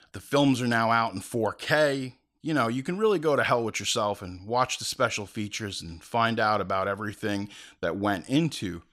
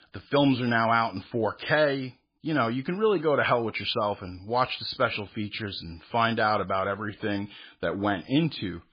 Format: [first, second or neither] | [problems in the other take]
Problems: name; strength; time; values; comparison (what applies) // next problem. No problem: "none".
first | garbled, watery; badly; nothing above 4.5 kHz